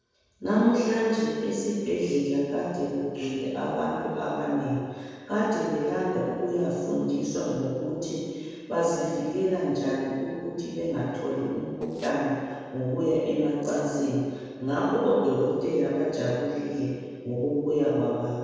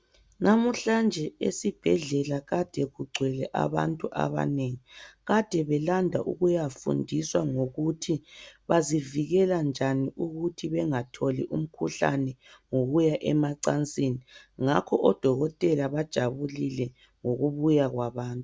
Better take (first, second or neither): second